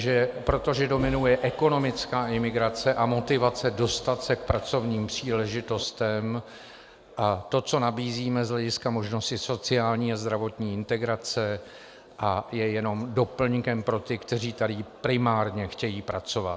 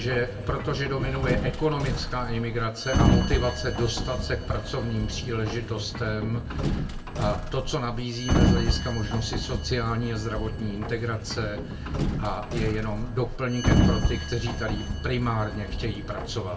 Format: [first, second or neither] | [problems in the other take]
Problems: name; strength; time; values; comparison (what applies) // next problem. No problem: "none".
first | background sound (Sliding door); 1 dB above the speech // room echo; dies away in 0.2 s